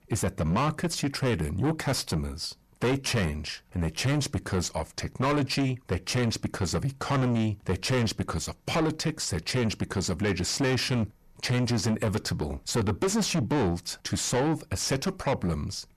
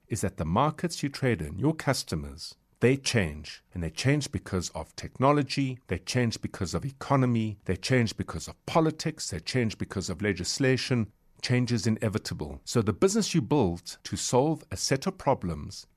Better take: second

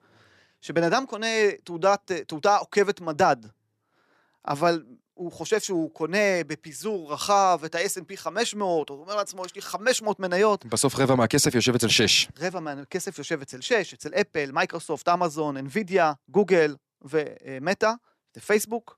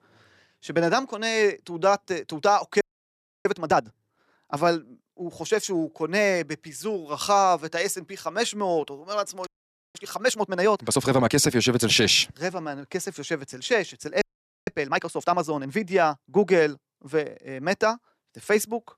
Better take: first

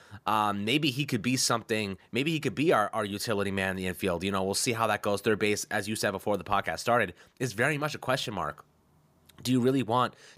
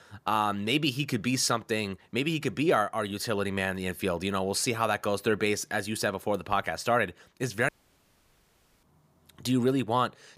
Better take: first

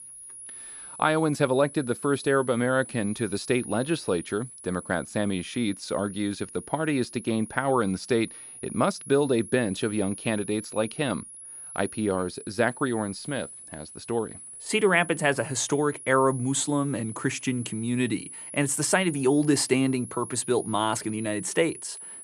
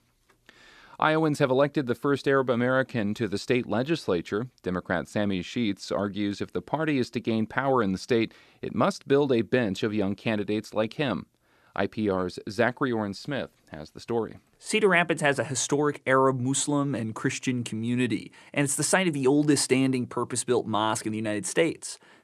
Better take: second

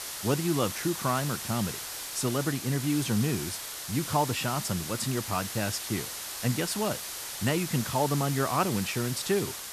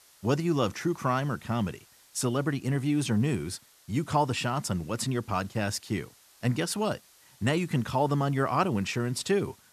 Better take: second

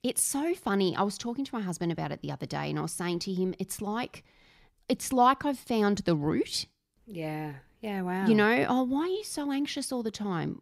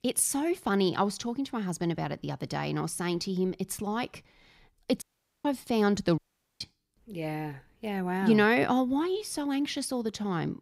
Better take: first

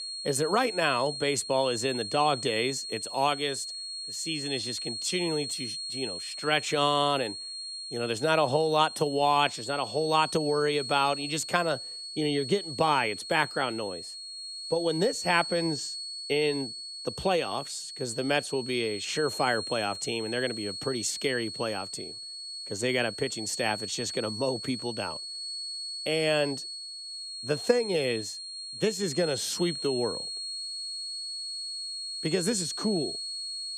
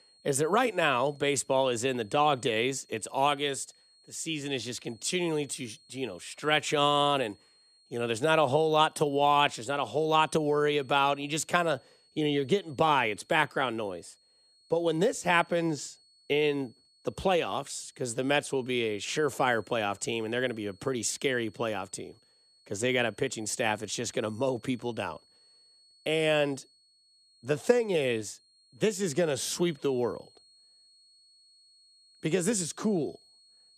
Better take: second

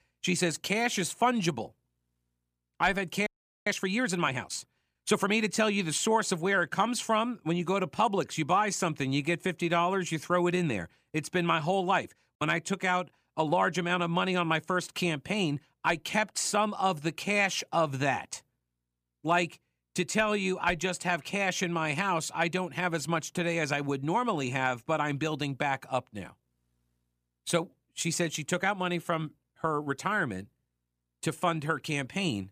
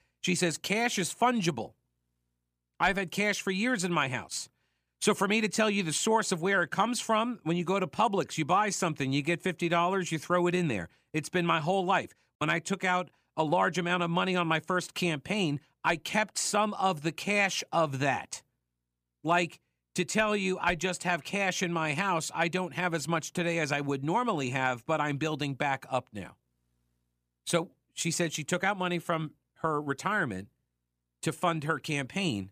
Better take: second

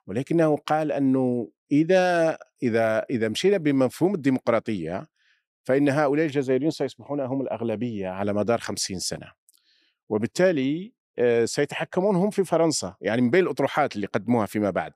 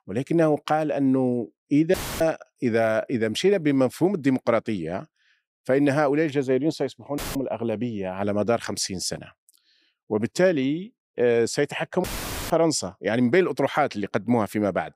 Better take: first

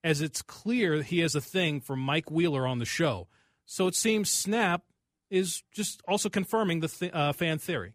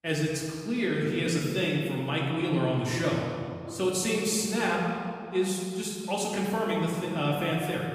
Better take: first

